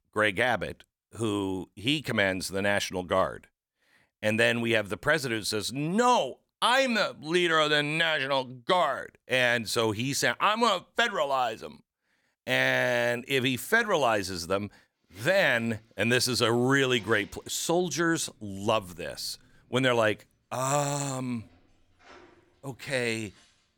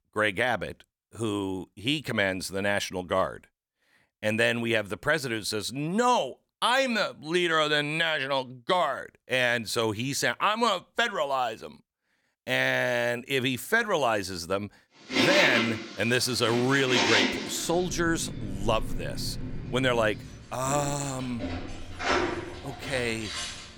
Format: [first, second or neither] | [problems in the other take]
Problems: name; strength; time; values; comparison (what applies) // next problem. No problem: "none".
first | household noises; loud; from 15 s on; 3 dB below the speech; faint in the first